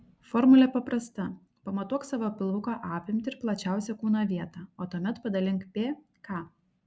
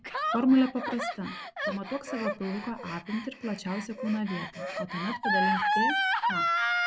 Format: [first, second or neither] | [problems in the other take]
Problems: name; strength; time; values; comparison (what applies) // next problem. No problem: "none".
first | background sound (Gasp); as loud as the speech